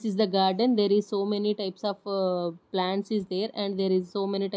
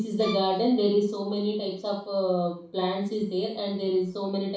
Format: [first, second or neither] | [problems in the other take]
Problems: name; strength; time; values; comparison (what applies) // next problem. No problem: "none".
first | background sound (Bowed string instrument); 14 dB below the speech // room echo; dies away in 0.4 s